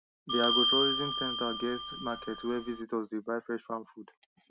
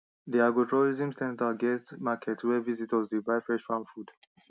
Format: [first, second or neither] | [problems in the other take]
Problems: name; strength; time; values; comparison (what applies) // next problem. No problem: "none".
second | background sound (Bell); 3 dB above the speech